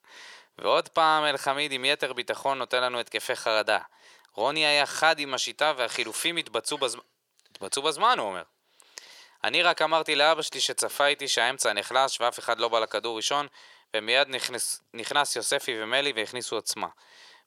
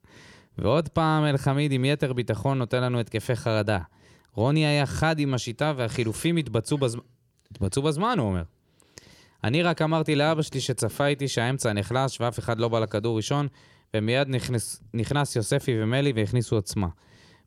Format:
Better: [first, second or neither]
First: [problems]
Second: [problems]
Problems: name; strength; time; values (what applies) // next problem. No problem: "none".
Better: second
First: thin; very; fading below 800 Hz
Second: none